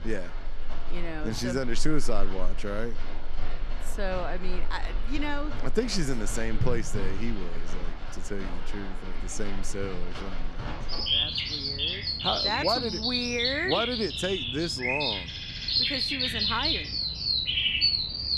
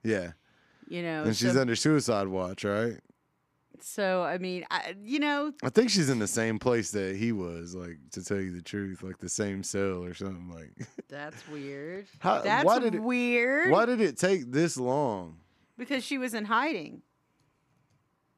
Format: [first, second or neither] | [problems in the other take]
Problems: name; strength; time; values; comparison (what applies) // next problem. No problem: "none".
second | animal sounds; very loud; throughout; 3 dB above the speech